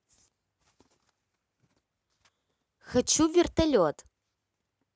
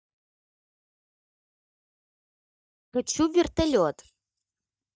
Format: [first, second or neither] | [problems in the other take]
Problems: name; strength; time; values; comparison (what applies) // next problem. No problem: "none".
first | noise reduction (neural mask model DeepFilterNet 3)